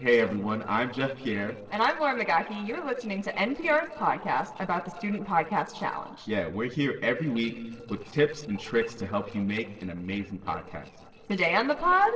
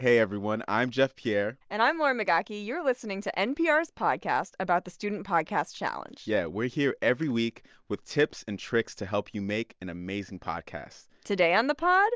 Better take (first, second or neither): second